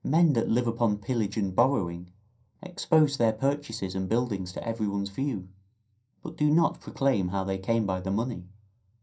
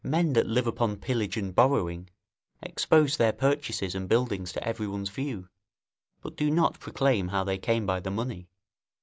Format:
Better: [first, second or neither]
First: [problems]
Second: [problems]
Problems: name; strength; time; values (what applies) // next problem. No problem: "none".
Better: second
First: room echo; dies away in 0.3 s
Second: none